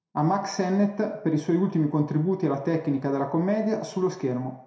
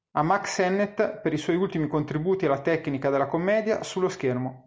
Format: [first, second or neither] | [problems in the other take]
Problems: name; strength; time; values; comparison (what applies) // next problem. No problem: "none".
second | room echo; dies away in 0.5 s